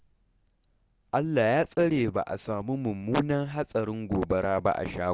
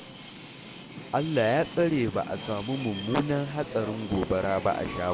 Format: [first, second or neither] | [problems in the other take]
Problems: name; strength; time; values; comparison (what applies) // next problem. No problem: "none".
first | background sound (Subway, metro, underground); 11 dB below the speech